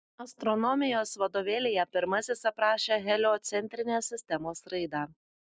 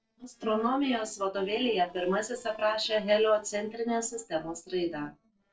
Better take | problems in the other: first | noise reduction (neural separator model SepFormer DNS4)

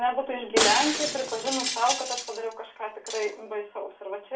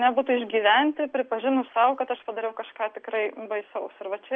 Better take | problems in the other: second | background sound (Shatter); 2 dB below the speech // room echo; dies away in 0.3 s

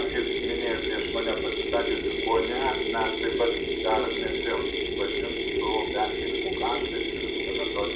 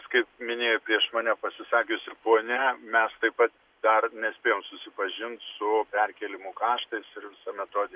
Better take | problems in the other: second | background sound (Mechanisms); 3 dB above the speech // room echo; dies away in 0.6 s

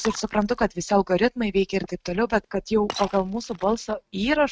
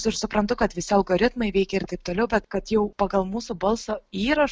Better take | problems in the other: second | noise reduction (neural mask model RNNoise)

